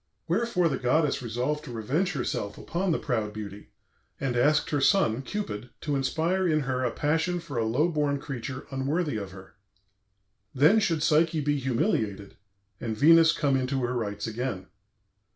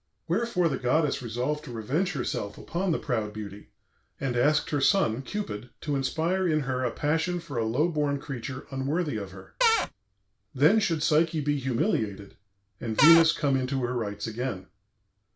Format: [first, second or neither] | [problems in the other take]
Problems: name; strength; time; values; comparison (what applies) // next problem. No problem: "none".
first | background sound (Cupboard open or close / Door); 2 dB above the speech